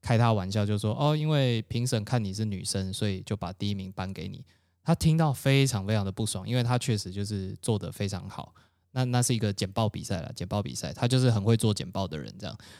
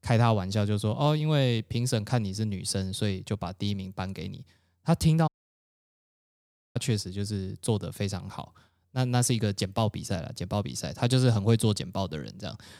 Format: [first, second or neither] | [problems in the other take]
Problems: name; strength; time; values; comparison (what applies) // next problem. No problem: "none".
first | audio cutting out; at 5.5 s for 1.5 s